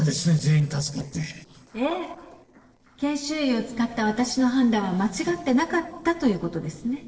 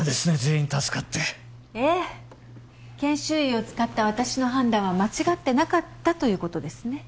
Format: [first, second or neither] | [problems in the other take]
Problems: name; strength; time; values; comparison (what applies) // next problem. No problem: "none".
second | noise reduction (neural separator model SepFormer DNS4)